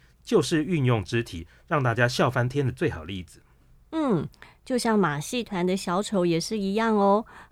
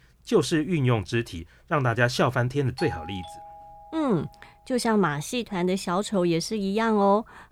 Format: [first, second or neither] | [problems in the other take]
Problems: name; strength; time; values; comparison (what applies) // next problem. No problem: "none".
first | doorbell; faint; from 3 to 4.5 s; peak 10 dB below the speech